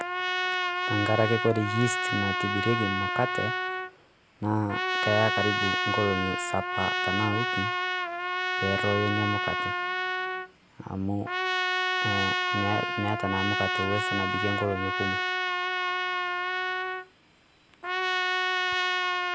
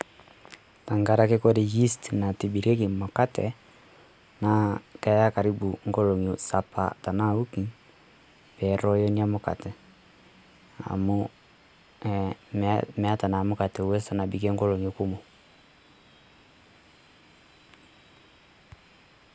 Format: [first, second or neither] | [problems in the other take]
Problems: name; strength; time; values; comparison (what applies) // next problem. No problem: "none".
second | background sound (Trumpet); 2 dB above the speech